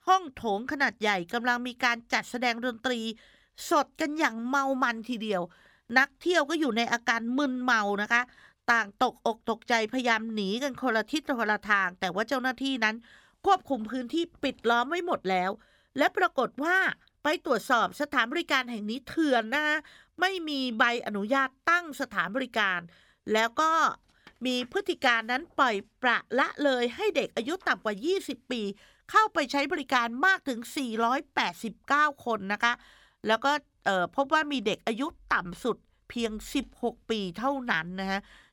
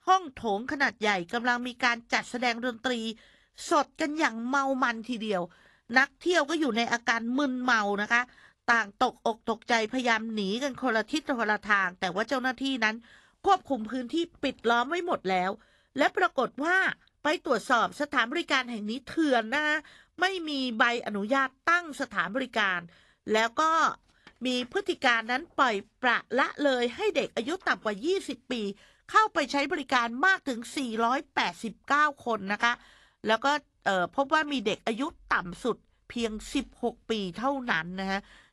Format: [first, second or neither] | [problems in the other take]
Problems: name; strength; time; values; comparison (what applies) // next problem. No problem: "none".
first | garbled, watery; slightly; nothing above 11.5 kHz